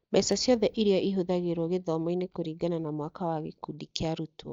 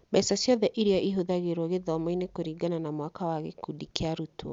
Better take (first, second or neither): second